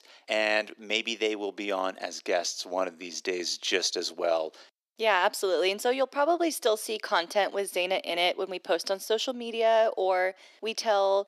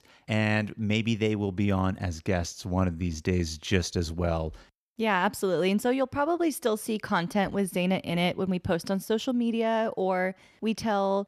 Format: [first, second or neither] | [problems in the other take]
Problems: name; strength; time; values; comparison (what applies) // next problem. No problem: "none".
second | thin; very; fading below 300 Hz